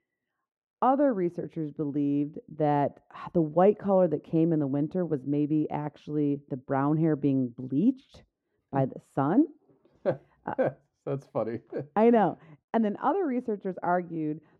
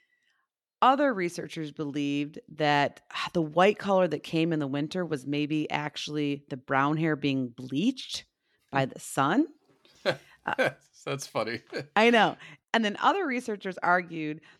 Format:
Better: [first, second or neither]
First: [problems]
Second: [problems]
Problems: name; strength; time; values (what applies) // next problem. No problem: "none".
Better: second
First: muffled; very; fading above 1.5 kHz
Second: none